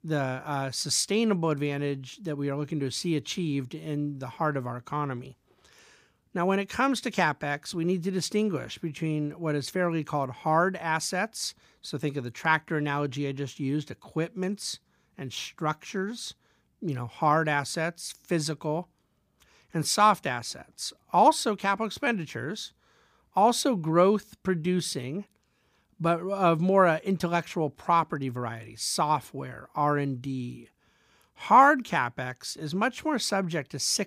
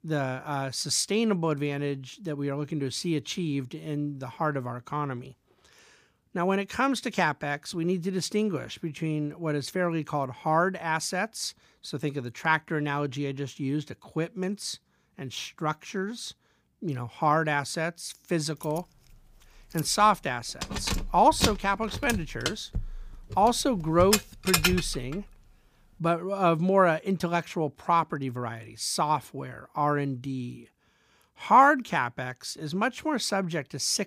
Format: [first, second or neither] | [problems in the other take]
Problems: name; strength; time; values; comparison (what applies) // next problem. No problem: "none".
first | jangling keys; loud; from 20 to 25 s; peak 4 dB above the speech